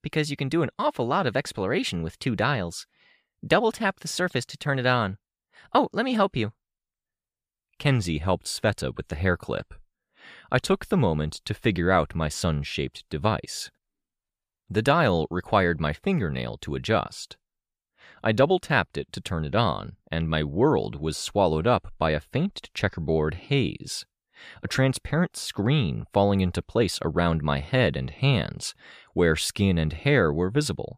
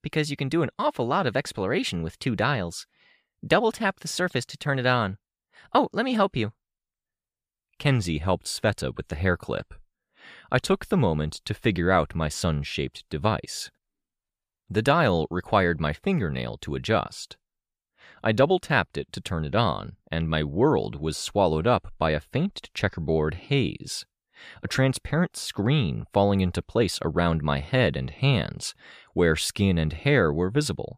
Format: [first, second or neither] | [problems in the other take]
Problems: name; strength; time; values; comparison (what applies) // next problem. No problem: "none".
neither | none